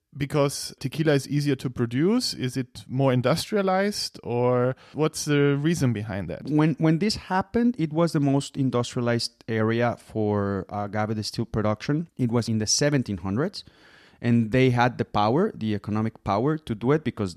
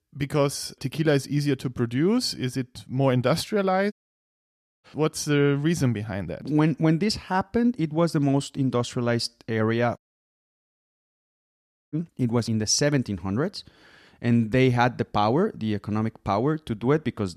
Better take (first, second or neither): first